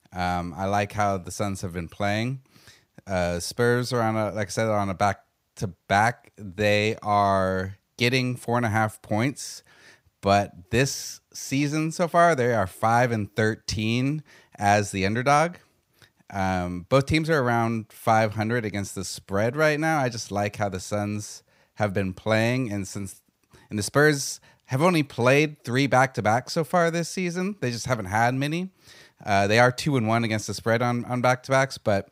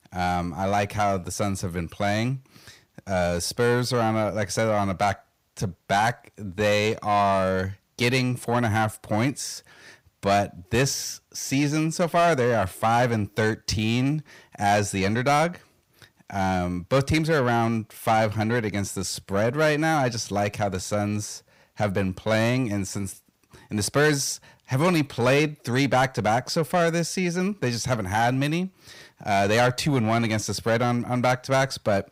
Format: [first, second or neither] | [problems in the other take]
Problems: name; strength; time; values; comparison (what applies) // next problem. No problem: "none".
first | distortion; slight; 10 dB below the speech